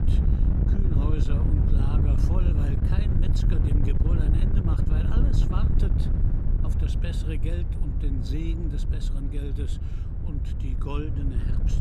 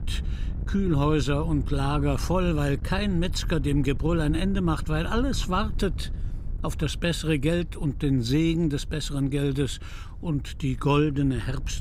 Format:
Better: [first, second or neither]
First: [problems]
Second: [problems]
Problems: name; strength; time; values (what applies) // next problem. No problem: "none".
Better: second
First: wind noise on the microphone; heavy; 1 dB above the speech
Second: wind noise on the microphone; occasional gusts; 20 dB below the speech